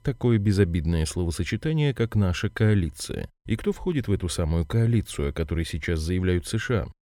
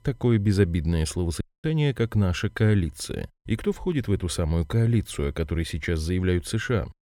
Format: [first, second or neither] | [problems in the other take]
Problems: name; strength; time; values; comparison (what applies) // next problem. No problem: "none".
first | audio cutting out; at 1.5 s